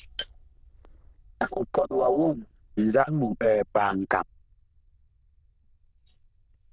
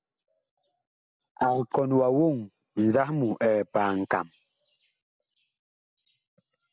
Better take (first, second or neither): second